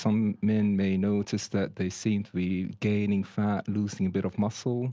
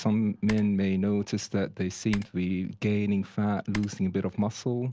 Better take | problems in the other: first | background sound (Typing); 20 dB below the speech

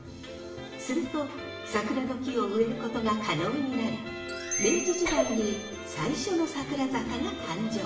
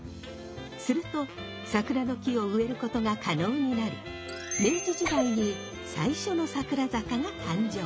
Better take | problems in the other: second | room echo; dies away in 0.8 s

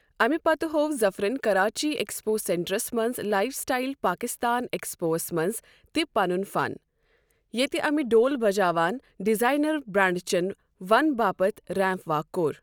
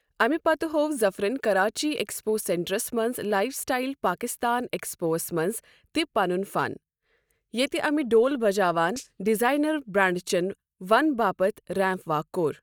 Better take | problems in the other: first | noise reduction (neural mask model DeepFilterNet 3)

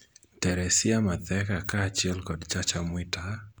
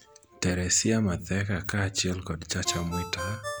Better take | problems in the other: first | background sound (Ringtone); 13 dB below the speech

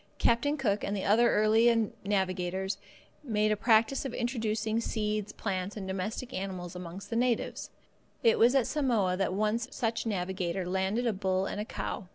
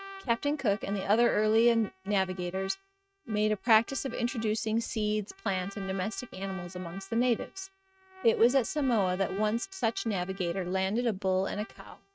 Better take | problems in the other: first | noise reduction (neural mask model RNNoise)

